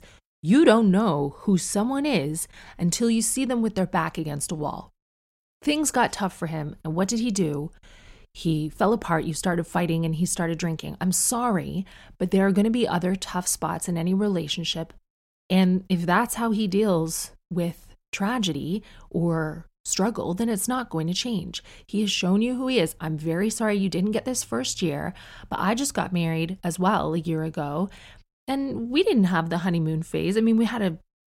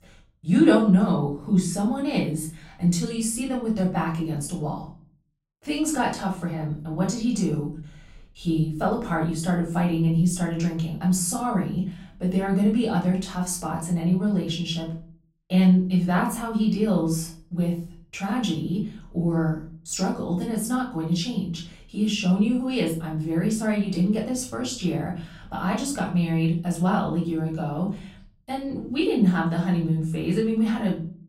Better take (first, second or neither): first